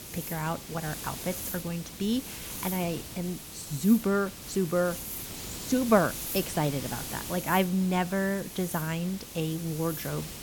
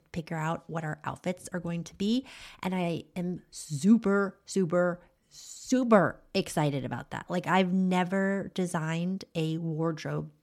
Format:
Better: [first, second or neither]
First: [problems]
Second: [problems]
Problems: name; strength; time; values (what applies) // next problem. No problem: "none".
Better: second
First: hiss; loud; throughout; 8 dB below the speech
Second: none